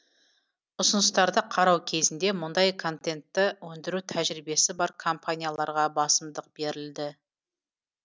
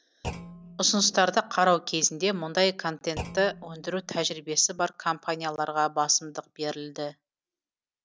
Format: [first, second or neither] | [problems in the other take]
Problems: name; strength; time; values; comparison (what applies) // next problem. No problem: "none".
first | background sound (Thump, thud); 16 dB below the speech